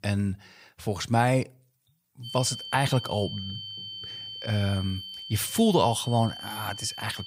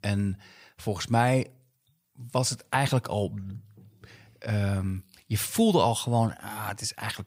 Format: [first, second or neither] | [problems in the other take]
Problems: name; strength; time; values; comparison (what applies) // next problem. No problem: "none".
second | high-pitched whine; loud; from 2.5 s on; 3 kHz, 10 dB below the speech